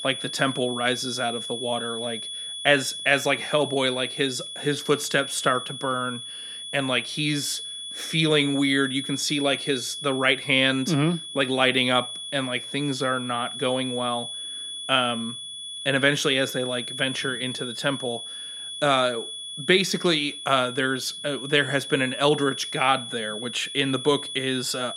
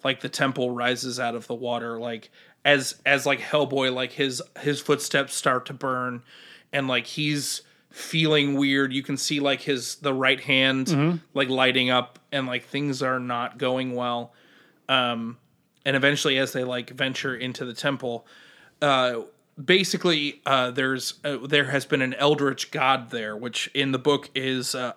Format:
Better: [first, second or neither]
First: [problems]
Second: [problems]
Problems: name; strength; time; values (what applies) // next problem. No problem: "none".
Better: second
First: high-pitched whine; loud; throughout; 3.5 kHz, 8 dB below the speech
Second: none